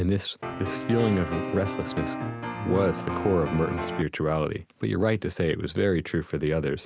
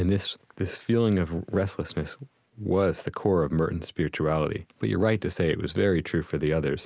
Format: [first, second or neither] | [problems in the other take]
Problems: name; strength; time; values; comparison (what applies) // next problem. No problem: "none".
second | background sound (Piano); 5 dB below the speech